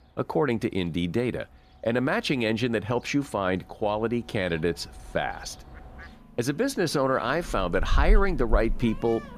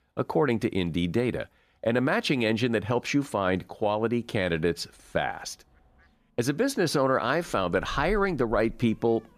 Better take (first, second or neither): second